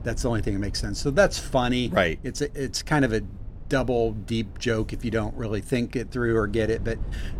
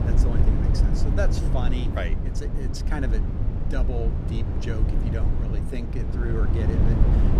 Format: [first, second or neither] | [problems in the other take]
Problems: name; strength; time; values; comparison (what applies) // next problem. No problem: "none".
first | low rumble; loud; throughout; 1 dB below the speech; faint in the first